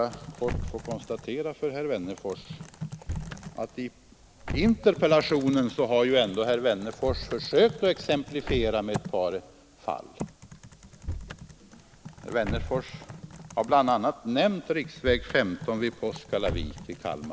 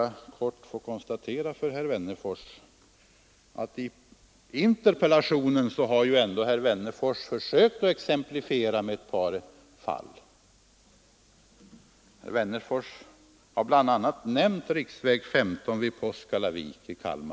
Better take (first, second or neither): second